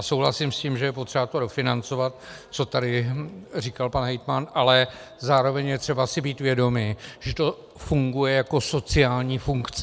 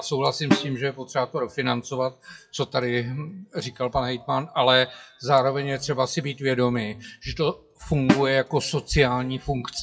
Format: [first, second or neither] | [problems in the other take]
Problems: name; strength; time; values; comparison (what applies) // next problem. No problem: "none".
first | noise reduction (classical method WPE with log-MMSE)